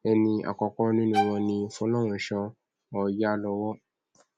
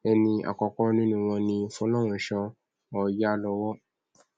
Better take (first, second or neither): second